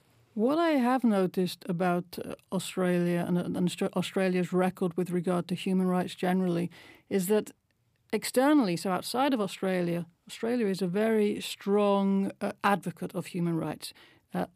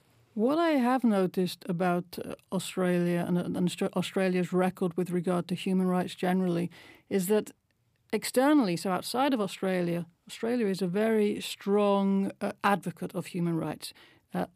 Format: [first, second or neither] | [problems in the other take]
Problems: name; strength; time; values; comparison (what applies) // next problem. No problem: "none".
neither | none